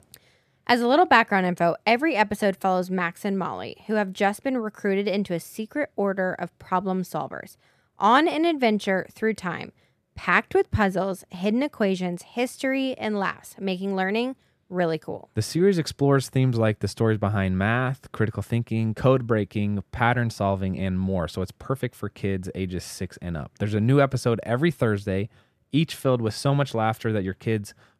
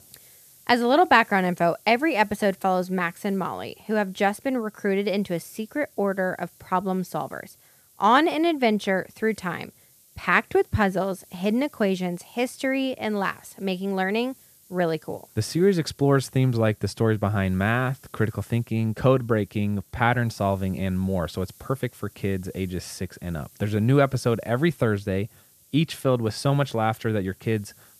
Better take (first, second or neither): first